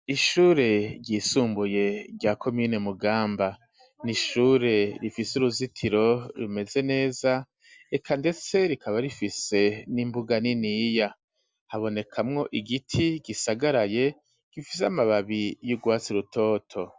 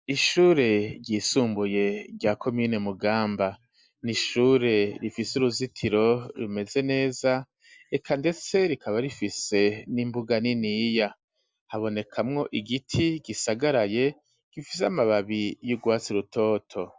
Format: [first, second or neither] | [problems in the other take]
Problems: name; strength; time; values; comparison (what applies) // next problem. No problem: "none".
first | noise reduction (neural mask model Resemble Enhance denoiser)